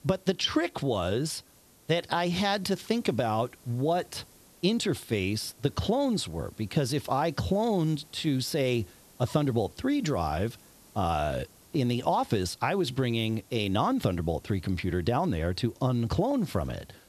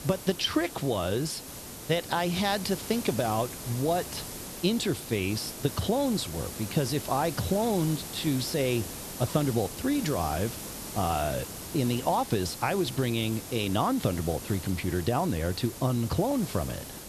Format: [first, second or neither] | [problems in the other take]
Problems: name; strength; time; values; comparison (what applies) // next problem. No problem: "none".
first | hiss; loud; throughout; 9 dB below the speech; faint in the first